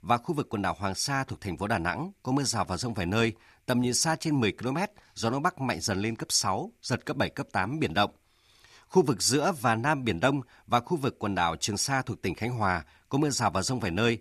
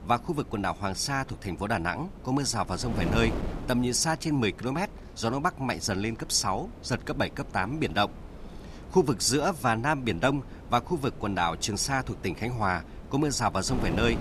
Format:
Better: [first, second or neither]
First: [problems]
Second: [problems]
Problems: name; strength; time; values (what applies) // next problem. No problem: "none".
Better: first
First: none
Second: wind noise on the microphone; occasional gusts; 15 dB below the speech